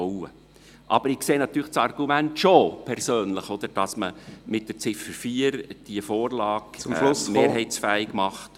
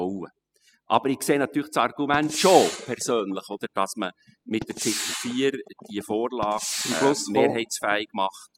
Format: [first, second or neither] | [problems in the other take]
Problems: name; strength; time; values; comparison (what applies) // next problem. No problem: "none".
first | noise reduction (classical method spectral subtraction)